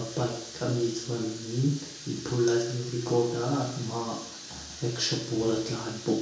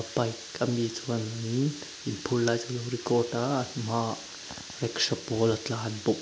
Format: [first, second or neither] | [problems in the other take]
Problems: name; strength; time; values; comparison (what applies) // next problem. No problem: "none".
second | room echo; dies away in 0.6 s